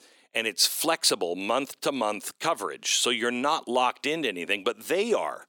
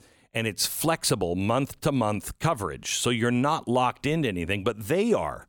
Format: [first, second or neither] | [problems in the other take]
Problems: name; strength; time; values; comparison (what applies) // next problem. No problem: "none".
second | thin; somewhat; fading below 300 Hz